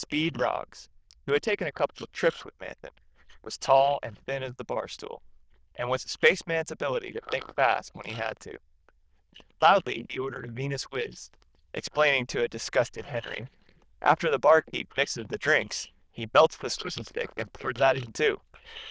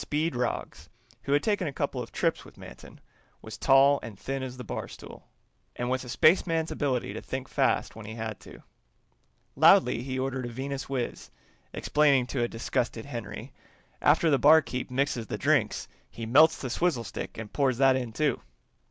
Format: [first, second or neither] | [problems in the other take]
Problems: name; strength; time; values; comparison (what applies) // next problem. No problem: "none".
second | noise reduction (neural diffusion model UNIVERSE++)